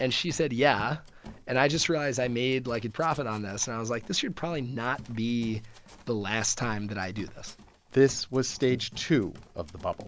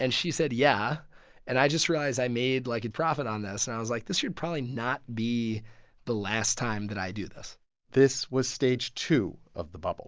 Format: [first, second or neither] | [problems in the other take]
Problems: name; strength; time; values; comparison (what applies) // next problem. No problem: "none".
second | background sound (Run); 20 dB below the speech